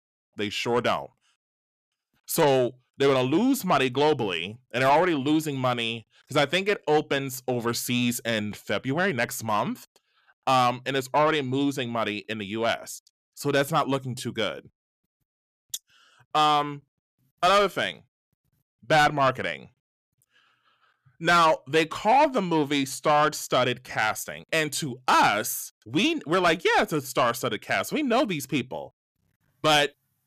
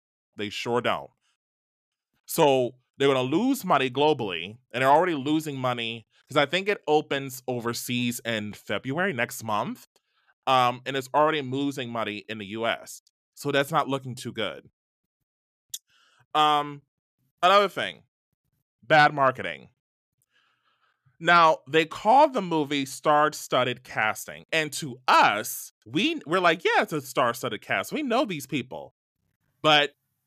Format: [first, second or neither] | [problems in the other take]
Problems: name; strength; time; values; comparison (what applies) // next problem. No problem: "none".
second | distortion; slight; 10 dB below the speech